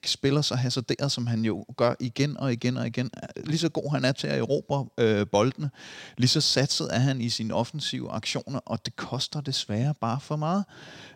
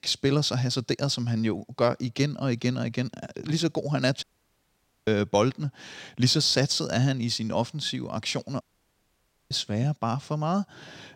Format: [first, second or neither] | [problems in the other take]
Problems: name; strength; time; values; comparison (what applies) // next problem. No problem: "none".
first | audio cutting out; at 4 s for 1 s and at 8.5 s for 1 s